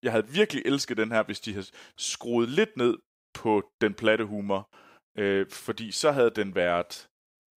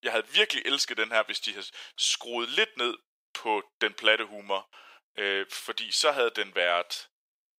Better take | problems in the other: first | thin; very; fading below 650 Hz

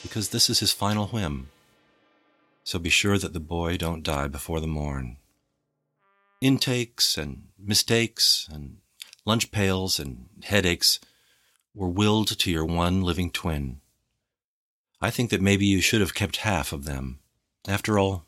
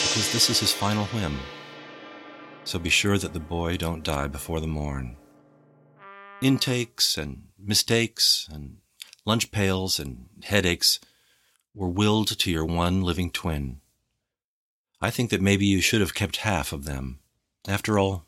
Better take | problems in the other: first | background music; loud; until 7 s; 8 dB below the speech; faint in the first

